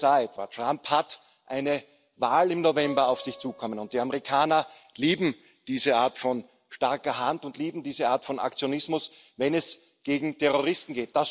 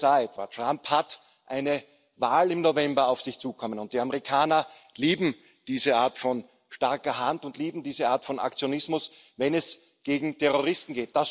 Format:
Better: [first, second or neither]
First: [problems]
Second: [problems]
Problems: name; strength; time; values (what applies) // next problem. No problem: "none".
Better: second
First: background sound (Acoustic guitar); 18 dB below the speech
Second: none